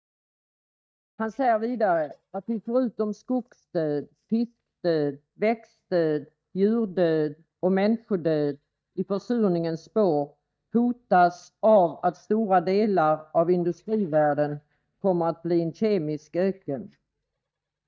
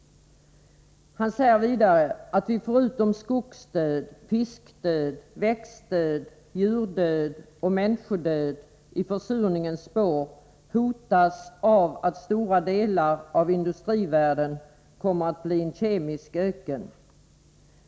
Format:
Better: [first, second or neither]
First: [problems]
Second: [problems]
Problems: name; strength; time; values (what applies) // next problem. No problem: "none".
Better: second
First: noise reduction (neural mask model DeepFilterNet 3)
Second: none